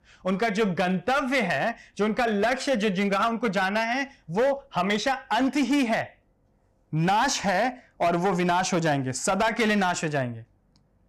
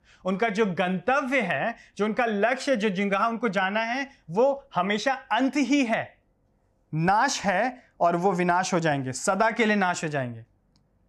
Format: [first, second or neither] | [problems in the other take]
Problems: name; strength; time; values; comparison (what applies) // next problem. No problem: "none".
second | distortion; slight; 10% of the sound clipped